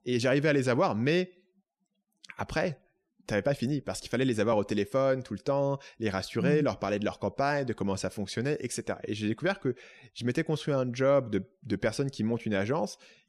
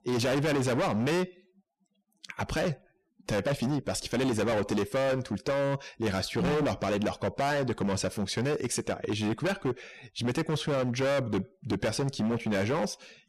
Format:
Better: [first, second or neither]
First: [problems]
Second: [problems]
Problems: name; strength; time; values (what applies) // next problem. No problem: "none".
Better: first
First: none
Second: distortion; heavy; 22% of the sound clipped